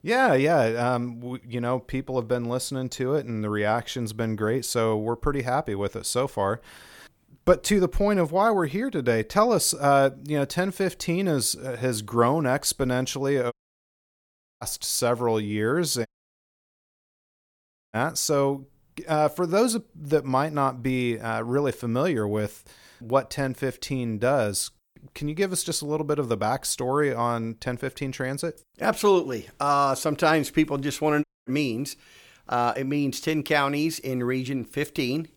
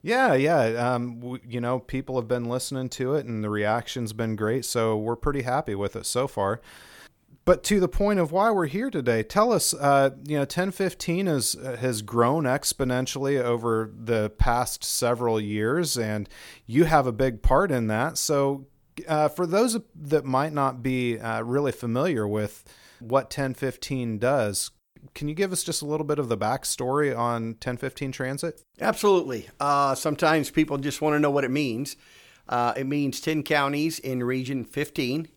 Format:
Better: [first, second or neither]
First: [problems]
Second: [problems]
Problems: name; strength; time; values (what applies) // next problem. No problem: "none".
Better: second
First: audio cutting out; at 14 s for 1 s, at 16 s for 2 s and at 31 s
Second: none